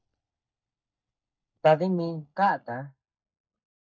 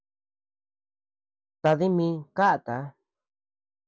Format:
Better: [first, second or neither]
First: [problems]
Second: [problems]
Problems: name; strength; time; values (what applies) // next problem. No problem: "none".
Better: second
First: noise reduction (neural mask model DeepFilterNet 3)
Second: none